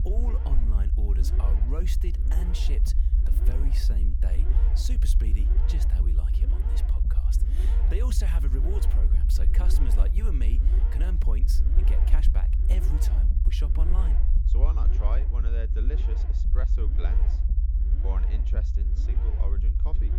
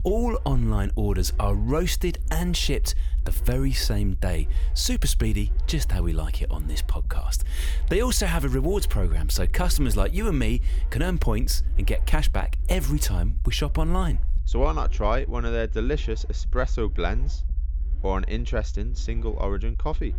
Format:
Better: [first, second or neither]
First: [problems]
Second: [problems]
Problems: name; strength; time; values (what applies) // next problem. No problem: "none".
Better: second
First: low rumble; loud; throughout; 2 dB below the speech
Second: low rumble; faint; throughout; 20 dB below the speech